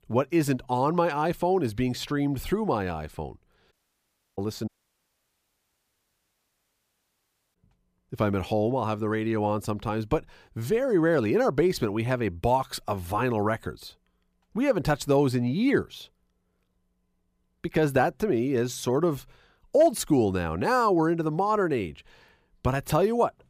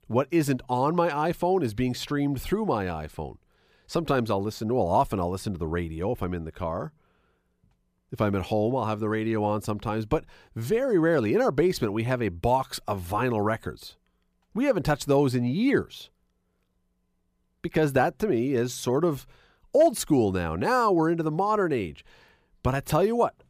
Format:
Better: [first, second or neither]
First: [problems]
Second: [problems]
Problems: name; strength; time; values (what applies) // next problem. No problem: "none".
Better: second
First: audio cutting out; at 3.5 s for 0.5 s and at 4.5 s for 3 s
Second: none